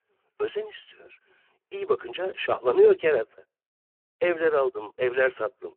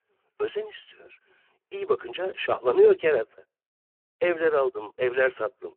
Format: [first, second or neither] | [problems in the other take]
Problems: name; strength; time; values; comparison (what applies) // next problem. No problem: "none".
neither | phone-call audio; poor line; the same in both